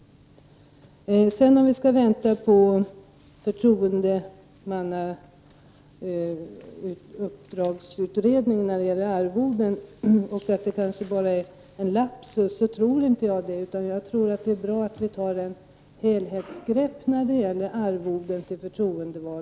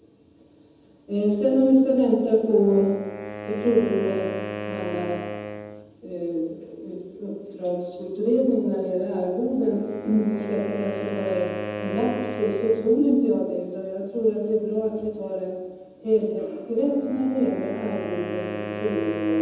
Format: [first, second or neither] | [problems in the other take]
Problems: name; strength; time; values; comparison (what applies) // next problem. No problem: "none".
first | background sound (Wind instrument, woodwind instrument); 12 dB below the speech // room echo; dies away in 1.1 s